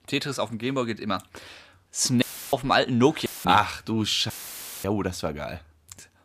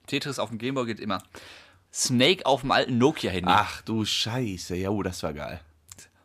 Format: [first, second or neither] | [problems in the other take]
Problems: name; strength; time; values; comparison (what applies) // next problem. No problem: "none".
second | audio cutting out; filled with static; at 2 s, at 3.5 s and at 4.5 s for 0.5 s